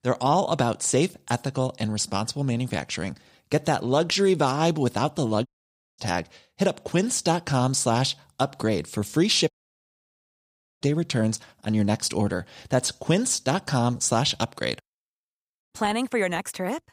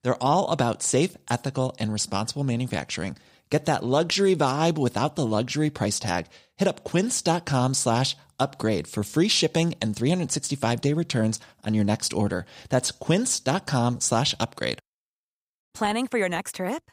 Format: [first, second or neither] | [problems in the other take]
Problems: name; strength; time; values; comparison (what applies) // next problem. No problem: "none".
second | audio cutting out; at 5.5 s for 0.5 s and at 9.5 s for 1.5 s